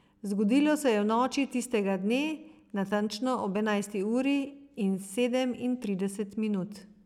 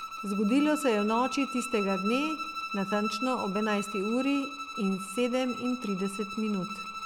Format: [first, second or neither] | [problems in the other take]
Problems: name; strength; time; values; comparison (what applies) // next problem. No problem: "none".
first | background sound (Bowed string instrument); 8 dB below the speech